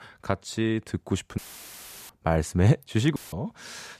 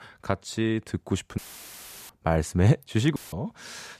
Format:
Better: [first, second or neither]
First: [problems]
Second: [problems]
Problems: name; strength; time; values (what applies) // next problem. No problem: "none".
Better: neither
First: audio cutting out; filled with static; at 1.5 s for 0.5 s and at 3 s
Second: audio cutting out; filled with static; at 1.5 s for 0.5 s and at 3 s